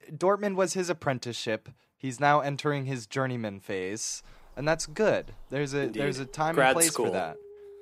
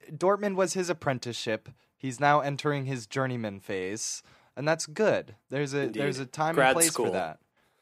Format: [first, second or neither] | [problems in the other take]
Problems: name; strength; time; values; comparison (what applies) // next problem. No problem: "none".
second | animal sounds; faint; from 4.5 s on; 25 dB below the speech